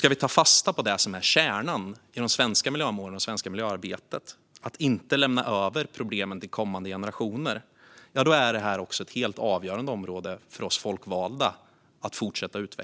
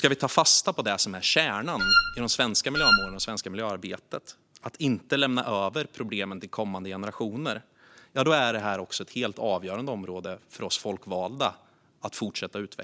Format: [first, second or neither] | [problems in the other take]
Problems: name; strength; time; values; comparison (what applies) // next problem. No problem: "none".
first | background sound (Wind instrument, woodwind instrument); 5 dB above the speech